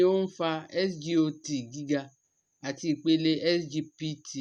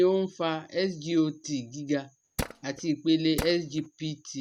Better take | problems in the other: first | background sound (Tools); 7 dB below the speech

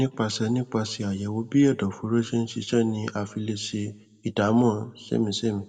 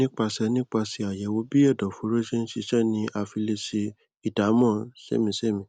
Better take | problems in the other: second | room echo; dies away in 0.6 s

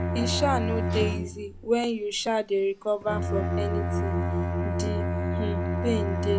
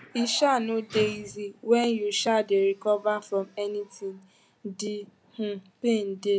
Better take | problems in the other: second | background sound (Bowed string instrument); 1 dB above the speech

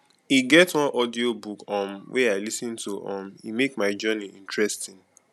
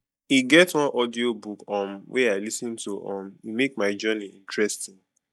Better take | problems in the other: first | noise reduction (neural mask model DeepFilterNet 3)

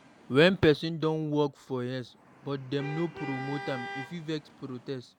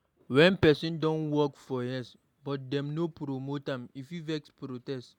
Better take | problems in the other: second | background sound (Traffic noise, roadway noise / Vehicle horn, car horn, honking); 15 dB below the speech

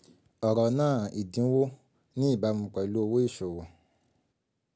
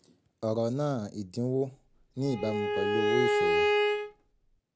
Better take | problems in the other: first | background sound (Bowed string instrument); 4 dB above the speech

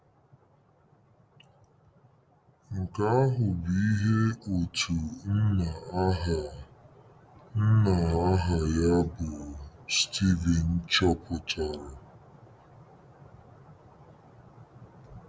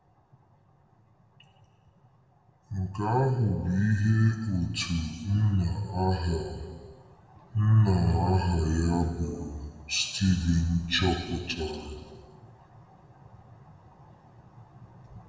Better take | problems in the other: first | room echo; dies away in 1.4 s

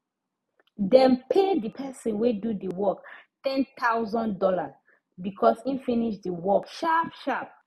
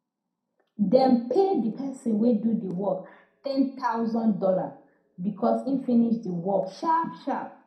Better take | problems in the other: first | room echo; dies away in 0.4 s

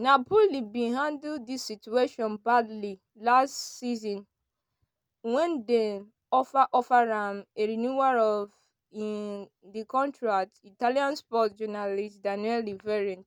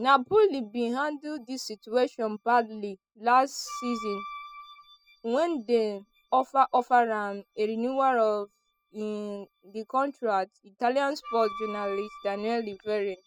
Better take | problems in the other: first | noise reduction (classical method spectral subtraction)

